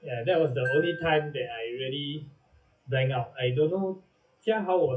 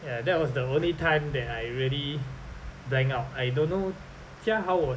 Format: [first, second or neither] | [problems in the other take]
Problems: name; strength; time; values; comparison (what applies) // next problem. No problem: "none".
second | noise reduction (classical method WPE with log-MMSE)